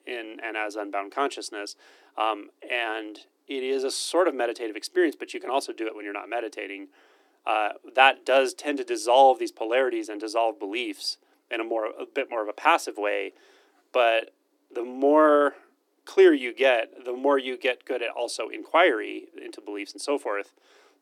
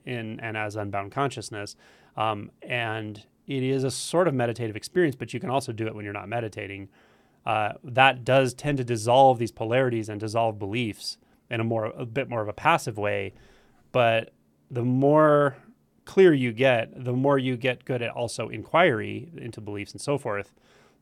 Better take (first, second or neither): second